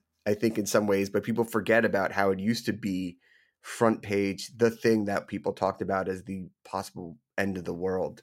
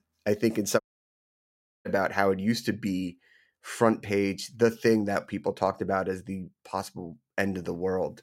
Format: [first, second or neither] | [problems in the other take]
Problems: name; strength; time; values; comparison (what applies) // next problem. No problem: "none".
first | audio cutting out; at 1 s for 1 s